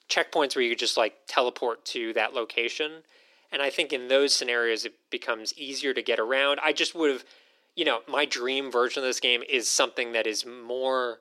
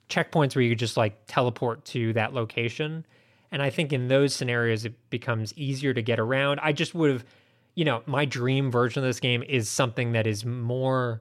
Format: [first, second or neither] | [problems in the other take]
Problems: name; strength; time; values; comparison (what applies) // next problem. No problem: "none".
second | thin; somewhat; fading below 300 Hz